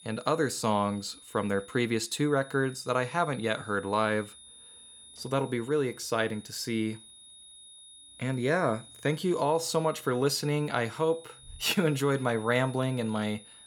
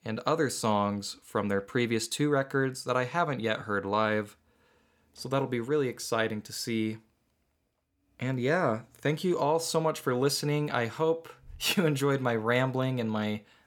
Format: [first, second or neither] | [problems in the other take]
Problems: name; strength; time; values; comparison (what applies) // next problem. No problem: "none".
second | high-pitched whine; noticeable; throughout; 3.5 kHz, 20 dB below the speech